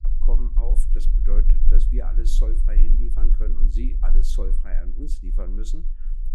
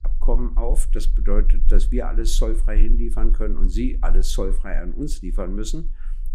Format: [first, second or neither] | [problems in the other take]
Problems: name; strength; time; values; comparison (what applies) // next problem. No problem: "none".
second | low rumble; loud; throughout; 8 dB below the speech; faint in the second